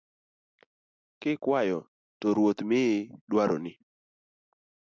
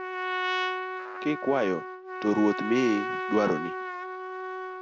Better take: first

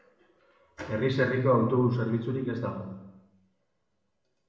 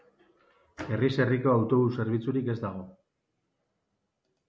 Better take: second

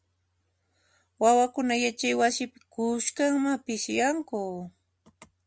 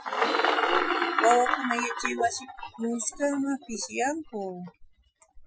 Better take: first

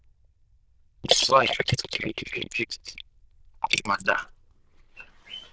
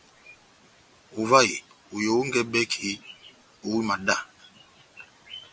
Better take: second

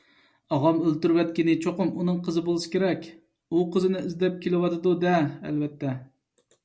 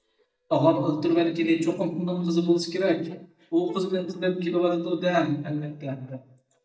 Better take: first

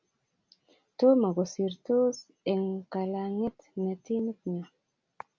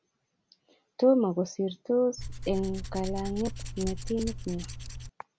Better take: first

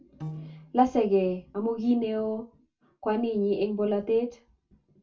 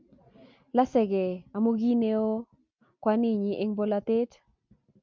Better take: second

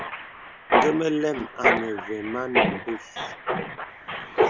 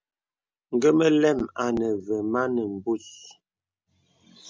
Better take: second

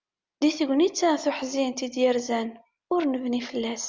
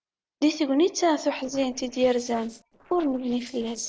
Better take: first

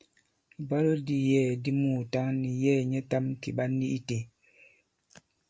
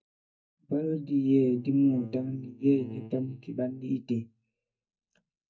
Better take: first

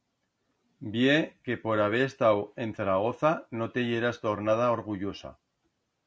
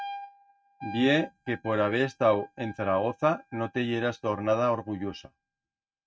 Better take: first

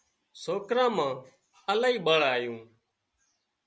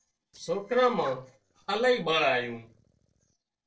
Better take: first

